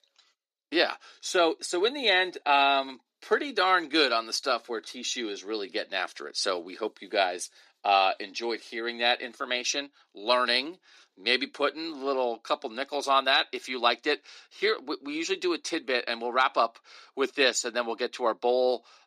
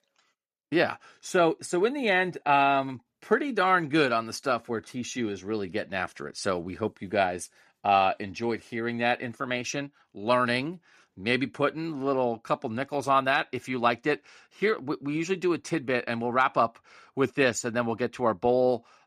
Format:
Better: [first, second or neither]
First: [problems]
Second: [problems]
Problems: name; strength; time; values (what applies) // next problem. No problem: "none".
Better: second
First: thin; somewhat; fading below 300 Hz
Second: none